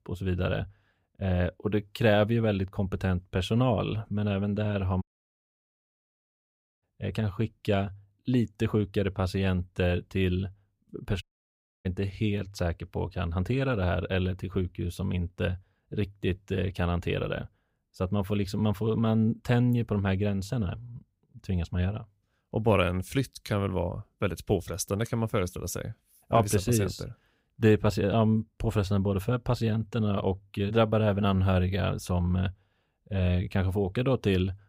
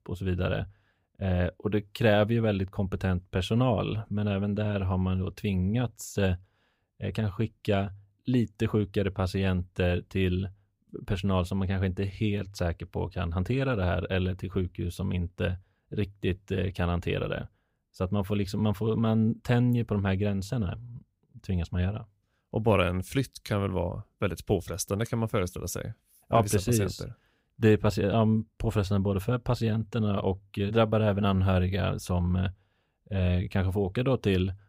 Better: second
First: audio cutting out; at 5 s for 2 s and at 11 s for 0.5 s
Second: none

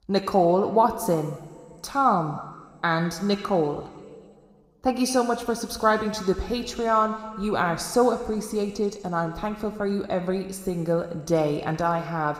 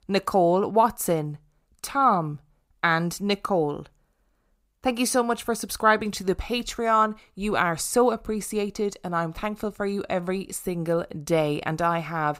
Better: second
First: room echo; slight; dies away in 1.7 s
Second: none

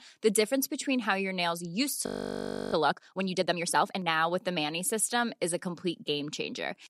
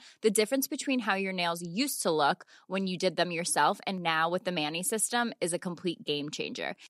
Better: second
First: audio freezing; at 2 s for 0.5 s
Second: none

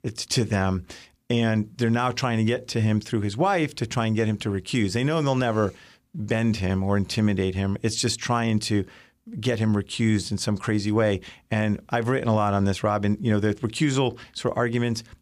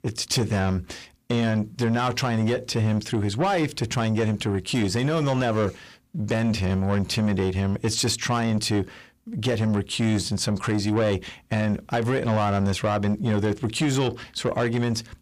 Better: first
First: none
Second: distortion; slight; 10 dB below the speech

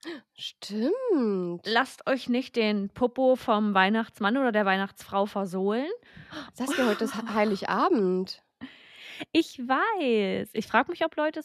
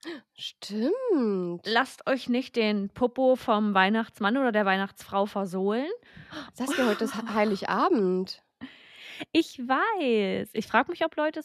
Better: neither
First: none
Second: none

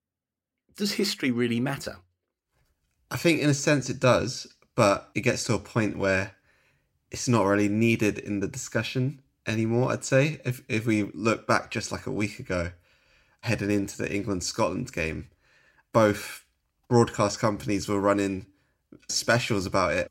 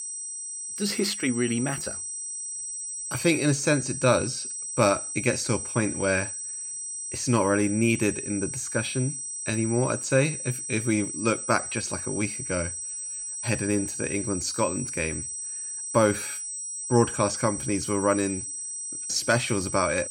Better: first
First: none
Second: high-pitched whine; loud; throughout; 8 kHz, 5 dB below the speech

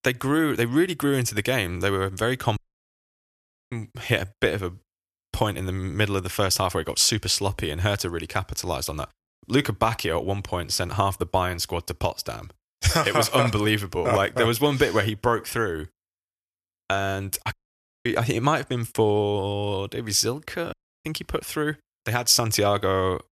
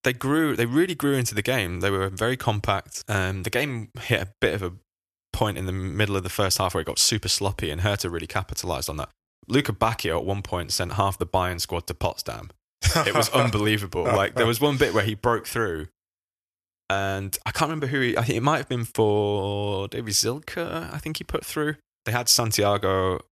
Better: second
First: audio cutting out; at 2.5 s for 1 s, at 18 s for 0.5 s and at 21 s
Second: none

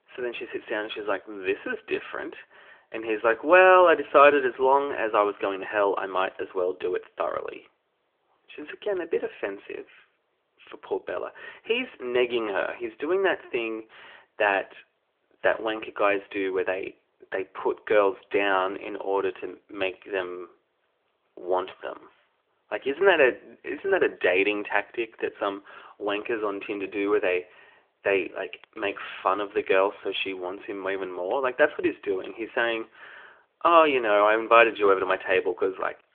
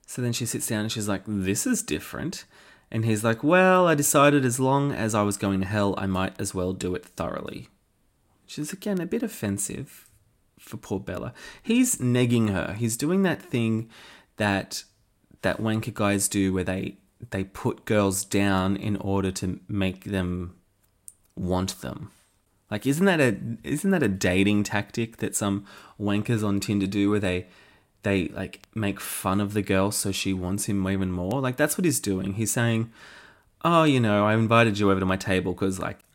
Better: second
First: phone-call audio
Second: none

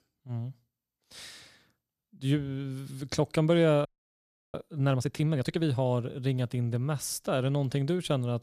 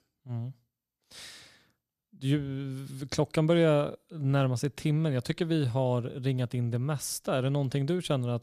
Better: second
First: audio freezing; at 4 s for 0.5 s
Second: none

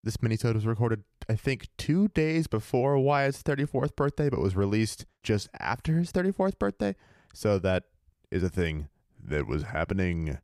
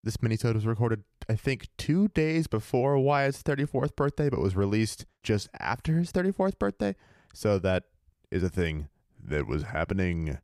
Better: neither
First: none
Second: none

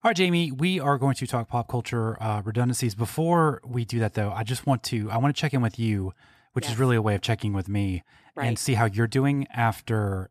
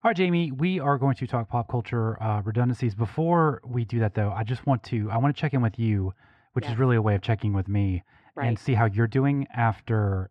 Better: first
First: none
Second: muffled; very; fading above 2 kHz

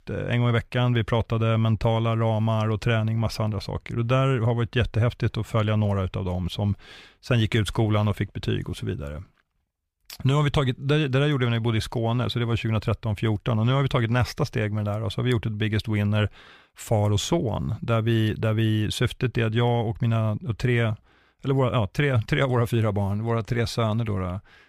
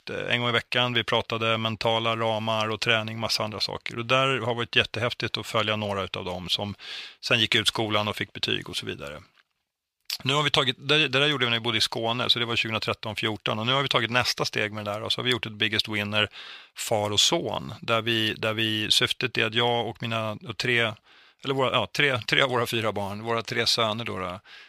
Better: first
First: none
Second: thin; somewhat; fading below 700 Hz

